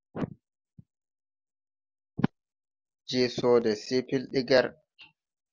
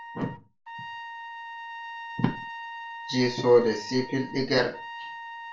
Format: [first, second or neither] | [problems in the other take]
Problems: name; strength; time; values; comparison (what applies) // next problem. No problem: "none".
first | background sound (Trumpet); 11 dB below the speech // room echo; dies away in 0.3 s